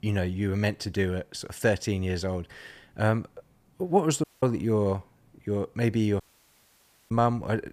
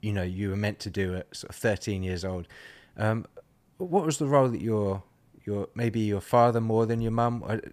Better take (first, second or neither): second